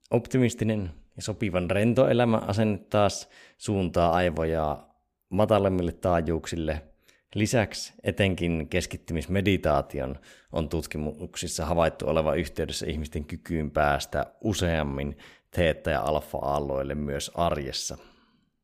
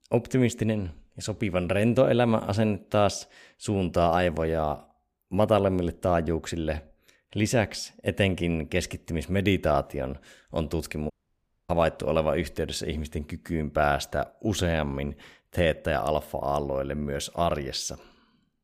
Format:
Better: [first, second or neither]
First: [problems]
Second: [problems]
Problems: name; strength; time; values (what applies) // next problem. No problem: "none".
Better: first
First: none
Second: audio cutting out; at 11 s for 0.5 s